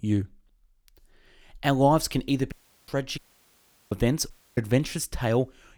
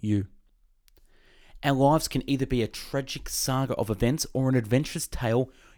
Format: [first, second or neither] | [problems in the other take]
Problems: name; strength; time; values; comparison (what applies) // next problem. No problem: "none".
second | audio cutting out; at 2.5 s, at 3 s for 0.5 s and at 4.5 s